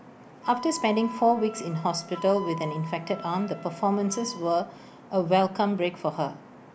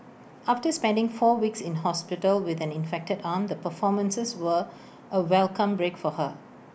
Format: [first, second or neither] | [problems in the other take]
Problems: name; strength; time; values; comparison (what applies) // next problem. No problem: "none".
second | background sound (Wind instrument, woodwind instrument); 15 dB below the speech